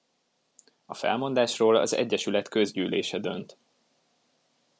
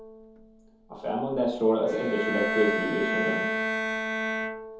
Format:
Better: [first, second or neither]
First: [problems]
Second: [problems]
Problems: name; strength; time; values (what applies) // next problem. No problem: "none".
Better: first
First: none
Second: background sound (Bowed string instrument); 2 dB below the speech // room echo; dies away in 0.8 s